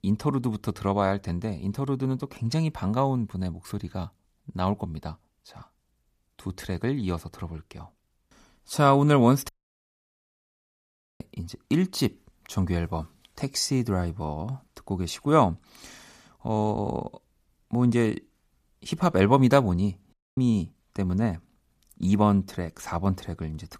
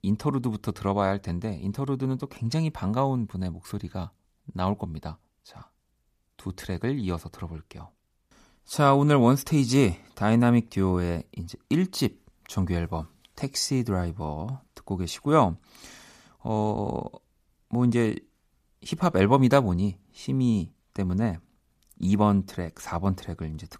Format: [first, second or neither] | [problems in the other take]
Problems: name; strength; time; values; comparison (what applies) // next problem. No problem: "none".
second | audio cutting out; at 9.5 s for 1.5 s and at 20 s